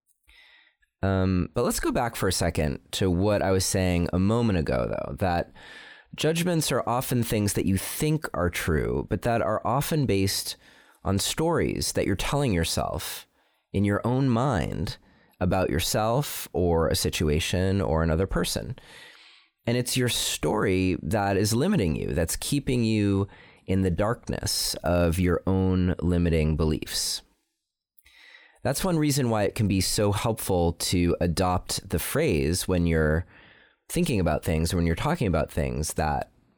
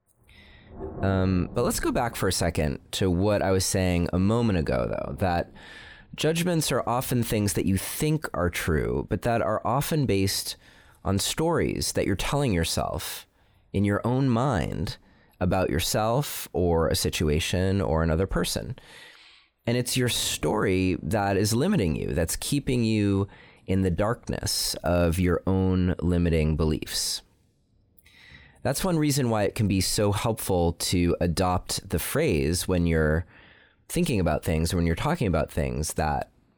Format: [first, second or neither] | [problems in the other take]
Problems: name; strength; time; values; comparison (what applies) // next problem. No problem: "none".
first | rain or running water; faint; throughout; 20 dB below the speech